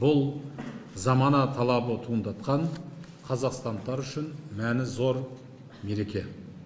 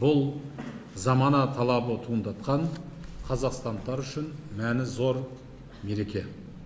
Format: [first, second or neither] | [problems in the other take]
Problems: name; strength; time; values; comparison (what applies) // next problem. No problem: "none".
first | background sound (Car passing by); 19 dB below the speech